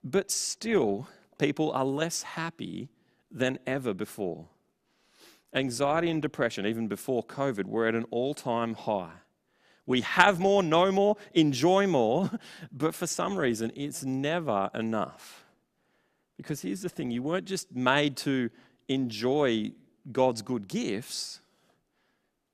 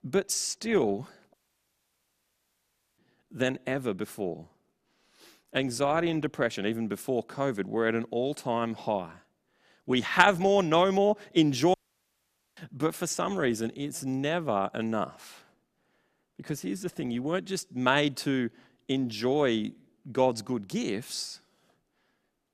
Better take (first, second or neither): first